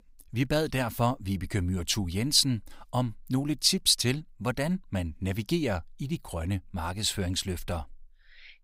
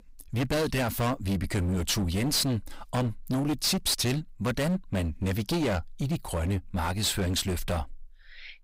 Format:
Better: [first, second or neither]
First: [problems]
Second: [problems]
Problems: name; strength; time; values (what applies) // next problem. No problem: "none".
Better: first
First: none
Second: distortion; heavy; 21% of the sound clipped